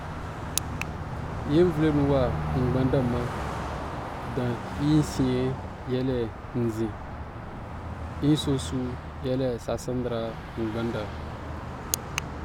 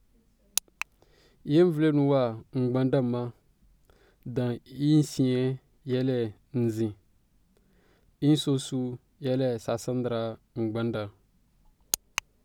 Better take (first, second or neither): second